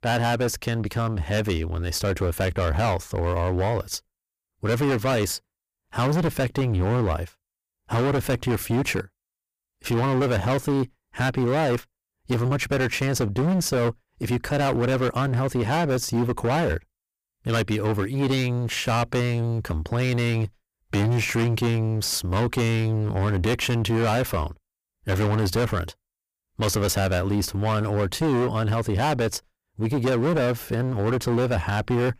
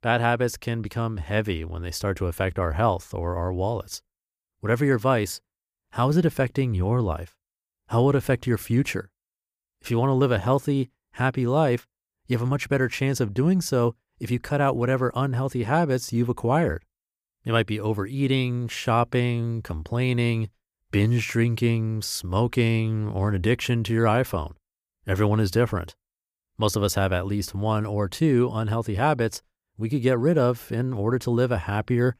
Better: second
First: distortion; heavy; 26% of the sound clipped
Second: none

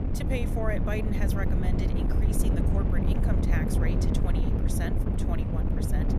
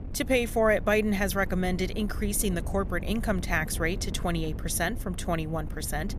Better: second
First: wind noise on the microphone; heavy; 1 dB above the speech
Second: wind noise on the microphone; occasional gusts; 20 dB below the speech

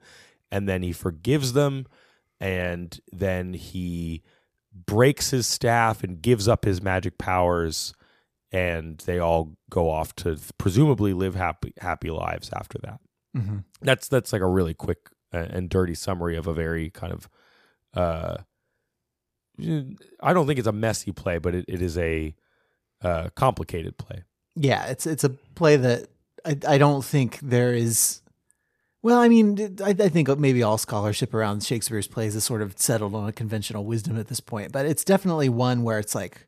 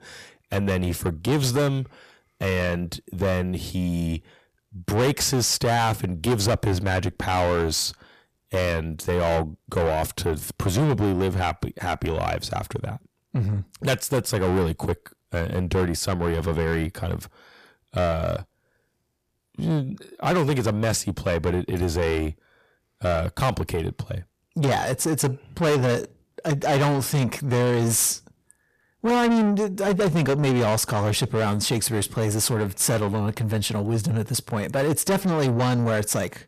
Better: first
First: none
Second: distortion; heavy; 6 dB below the speech

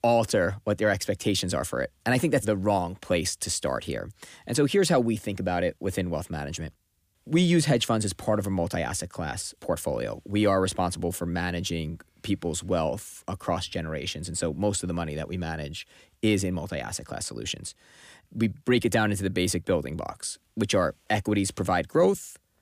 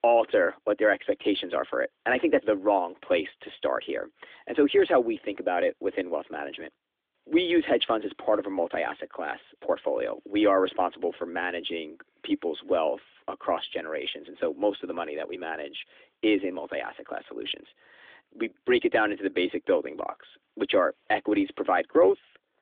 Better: first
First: none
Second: phone-call audio; nothing above 3.5 kHz

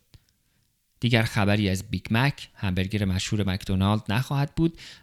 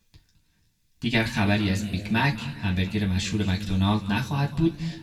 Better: first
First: none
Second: room echo; slight; dies away in 2 s // off-mic speech; somewhat distant

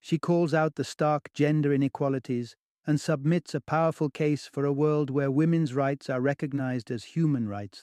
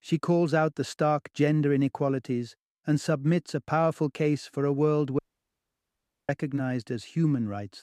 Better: first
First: none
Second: audio cutting out; at 5 s for 1 s

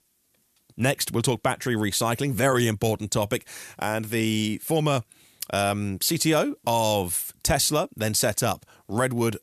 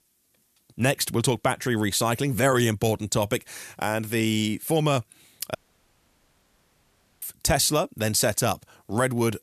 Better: first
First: none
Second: audio cutting out; at 5.5 s for 1.5 s

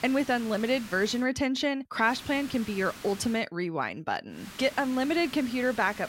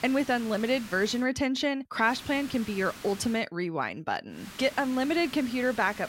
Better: neither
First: hiss; noticeable; until 1 s, from 2 to 3.5 s and from 4.5 s on; 15 dB below the speech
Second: hiss; noticeable; until 1 s, from 2 to 3.5 s and from 4.5 s on; 15 dB below the speech

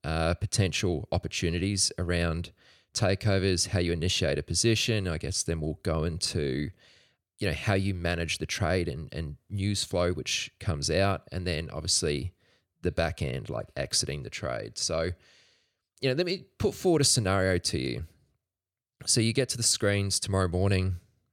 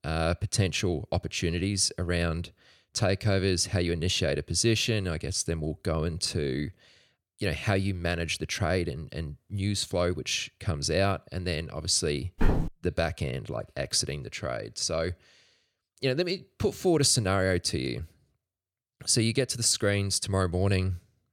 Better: first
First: none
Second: footsteps; noticeable; at 12 s; peak 1 dB below the speech

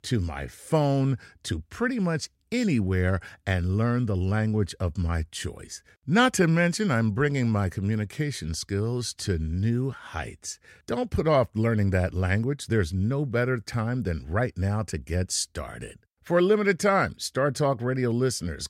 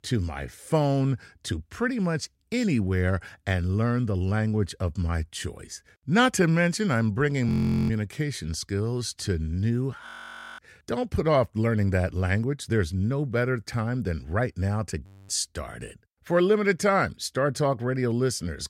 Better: first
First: none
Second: audio freezing; at 7.5 s, at 10 s for 0.5 s and at 15 s

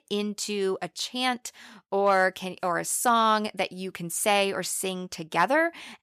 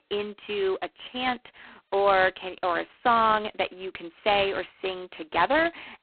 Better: first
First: none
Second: phone-call audio; poor line; nothing above 4 kHz

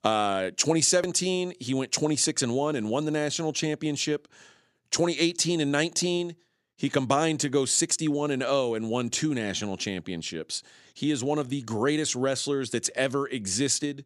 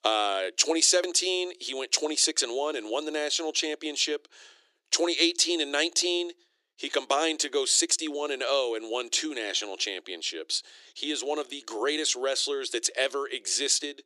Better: first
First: none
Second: thin; somewhat; fading below 350 Hz

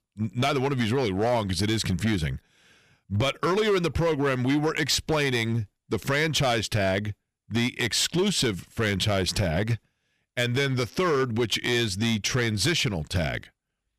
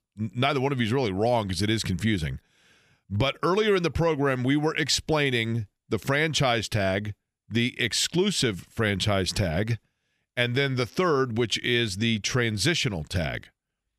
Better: second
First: distortion; slight; 8% of the sound clipped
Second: none

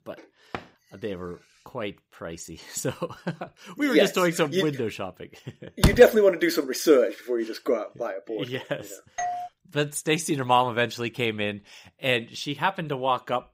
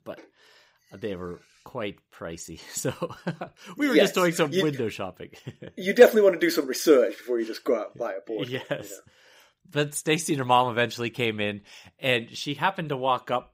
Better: second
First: door banging; faint; at 0.5 s; peak 15 dB below the speech // door banging; loud; at 6 s; peak 1 dB above the speech // doorbell; noticeable; at 9 s; peak 6 dB below the speech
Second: none

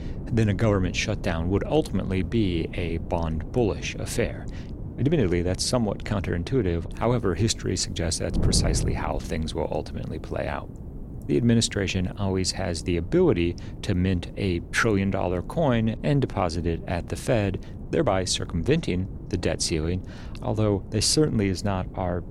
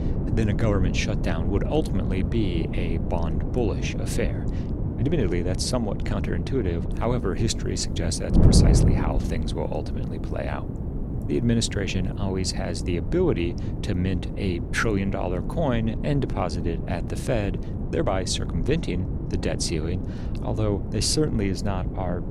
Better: first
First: wind noise on the microphone; occasional gusts; 15 dB below the speech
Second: wind noise on the microphone; heavy; 7 dB below the speech

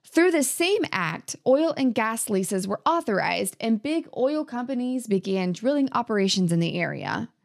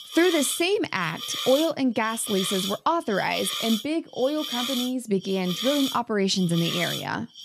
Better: first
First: none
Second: hiss; loud; throughout; 5 dB below the speech

